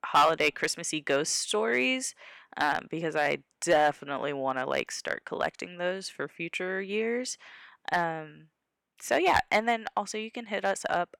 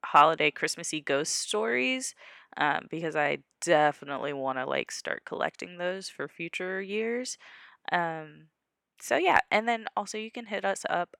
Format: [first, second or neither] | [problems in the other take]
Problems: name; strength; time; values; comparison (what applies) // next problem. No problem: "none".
second | distortion; slight; 0.9% of the sound clipped